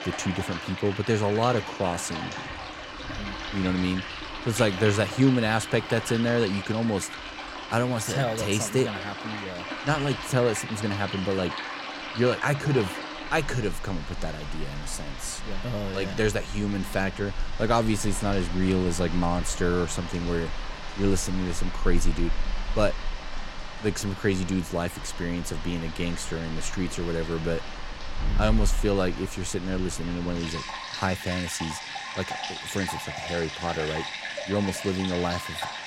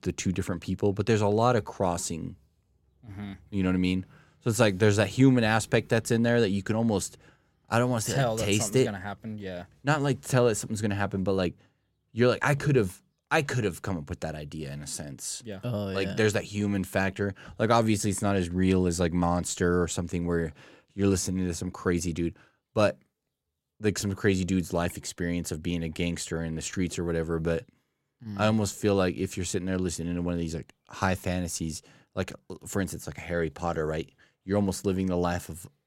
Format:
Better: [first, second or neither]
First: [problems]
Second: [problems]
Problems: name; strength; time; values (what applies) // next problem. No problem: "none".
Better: second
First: rain or running water; loud; throughout; 7 dB below the speech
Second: none